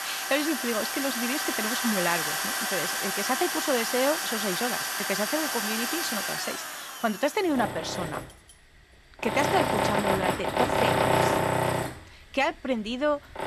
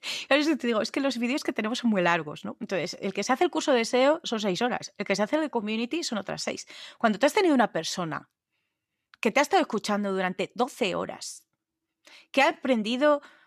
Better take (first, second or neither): second